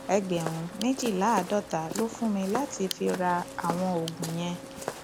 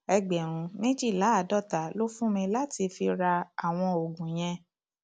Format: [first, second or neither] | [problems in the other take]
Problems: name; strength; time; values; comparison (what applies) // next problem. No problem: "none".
second | background sound (Walk, footsteps); 9 dB below the speech